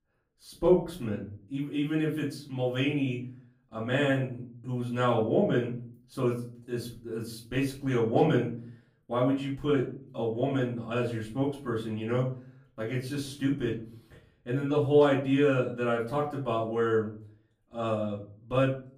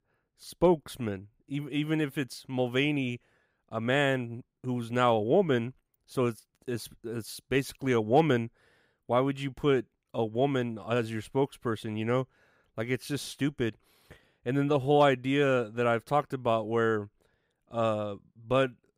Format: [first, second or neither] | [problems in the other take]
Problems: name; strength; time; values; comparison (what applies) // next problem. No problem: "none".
second | off-mic speech; far // room echo; slight; dies away in 0.4 s